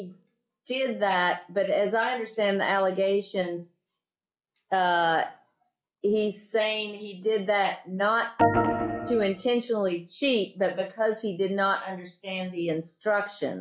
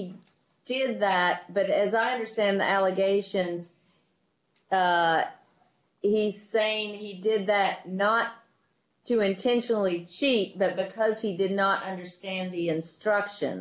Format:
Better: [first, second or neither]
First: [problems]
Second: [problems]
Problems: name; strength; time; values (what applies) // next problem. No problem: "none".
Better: second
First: noise reduction (classical method log-MMSE)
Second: none